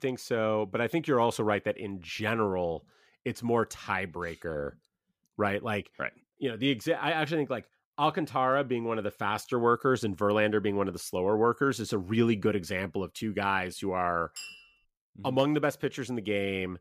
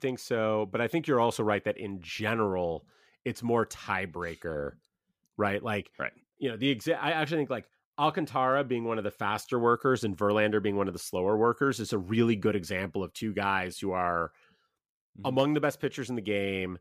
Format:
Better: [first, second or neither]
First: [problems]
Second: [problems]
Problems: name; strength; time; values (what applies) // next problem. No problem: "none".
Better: second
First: clattering dishes; faint; at 14 s; peak 15 dB below the speech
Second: none